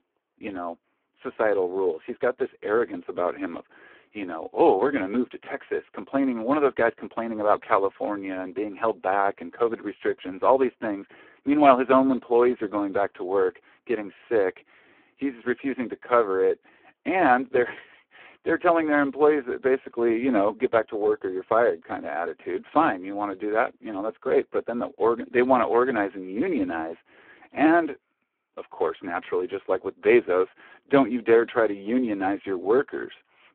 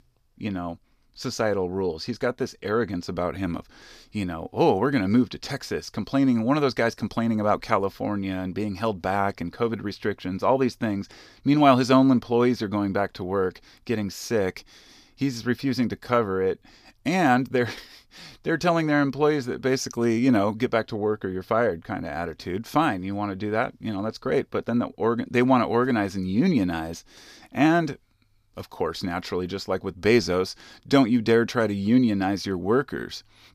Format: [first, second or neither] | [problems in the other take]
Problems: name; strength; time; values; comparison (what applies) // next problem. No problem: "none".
second | phone-call audio; poor line; nothing above 3.5 kHz